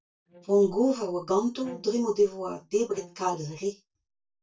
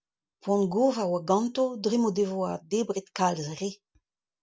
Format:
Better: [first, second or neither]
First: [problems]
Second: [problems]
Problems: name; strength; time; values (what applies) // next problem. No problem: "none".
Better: second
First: noise reduction (neural mask model DeepFilterNet 3)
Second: none